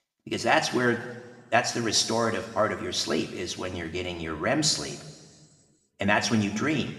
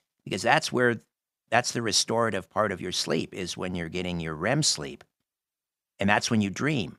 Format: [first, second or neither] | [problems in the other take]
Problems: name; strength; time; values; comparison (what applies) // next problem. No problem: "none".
second | room echo; slight; dies away in 1.3 s // off-mic speech; somewhat distant